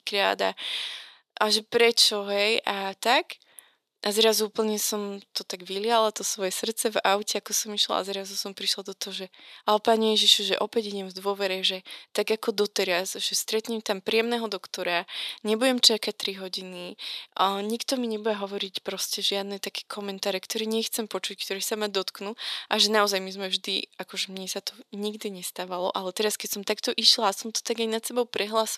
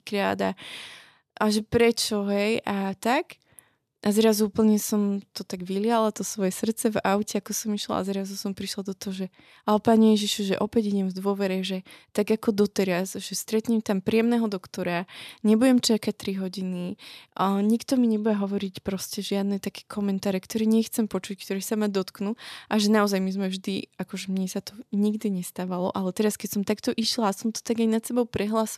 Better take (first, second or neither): second